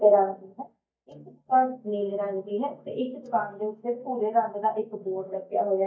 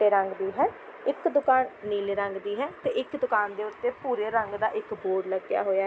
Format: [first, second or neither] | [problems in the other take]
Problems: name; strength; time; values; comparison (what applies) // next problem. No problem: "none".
second | noise reduction (neural mask model DeepFilterNet 3)